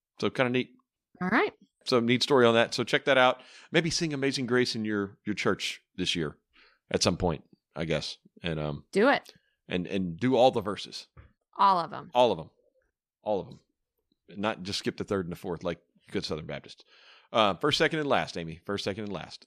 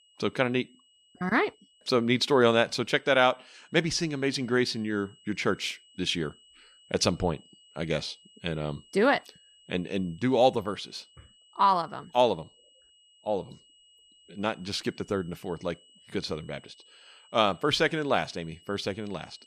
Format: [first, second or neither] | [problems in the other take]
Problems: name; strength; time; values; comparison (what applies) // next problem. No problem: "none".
first | high-pitched whine; faint; throughout; 3 kHz, 30 dB below the speech